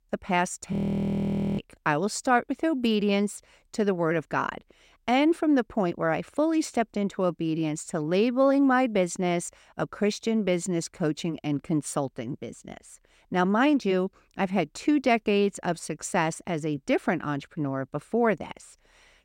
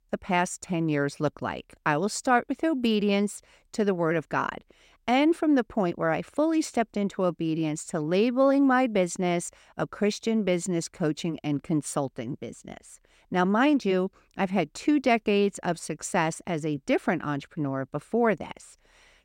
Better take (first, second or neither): second